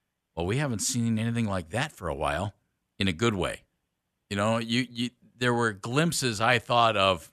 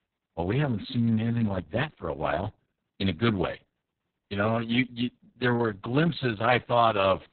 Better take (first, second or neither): first